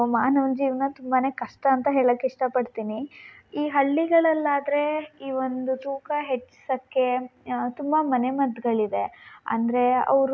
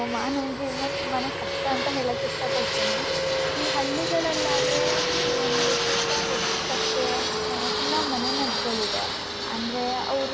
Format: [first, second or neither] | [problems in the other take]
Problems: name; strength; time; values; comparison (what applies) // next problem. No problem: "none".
first | background sound (Fixed-wing aircraft, airplane); 5 dB above the speech